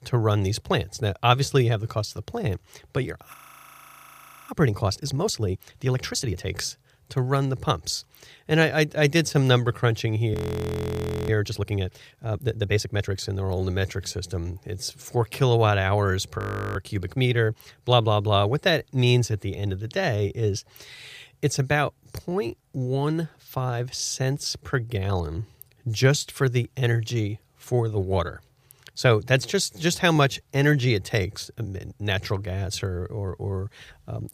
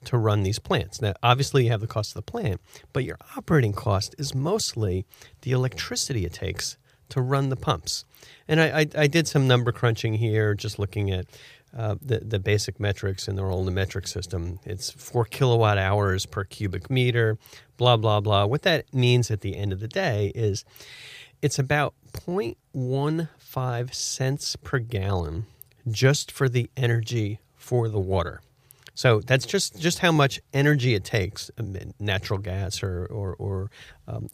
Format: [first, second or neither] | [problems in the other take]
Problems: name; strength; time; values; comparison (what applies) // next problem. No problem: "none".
second | audio freezing; at 3.5 s for 1 s, at 10 s for 1 s and at 16 s